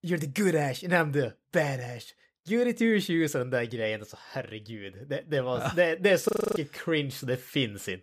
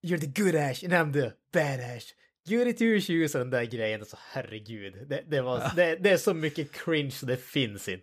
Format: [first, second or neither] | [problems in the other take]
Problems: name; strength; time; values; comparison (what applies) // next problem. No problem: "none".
second | audio freezing; at 6.5 s